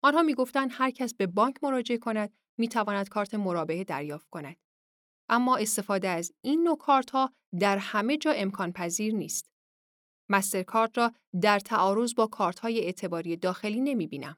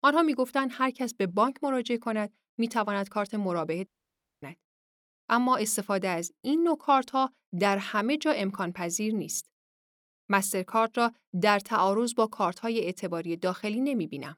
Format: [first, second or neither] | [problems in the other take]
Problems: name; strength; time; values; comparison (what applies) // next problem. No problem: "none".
first | audio cutting out; at 4 s for 0.5 s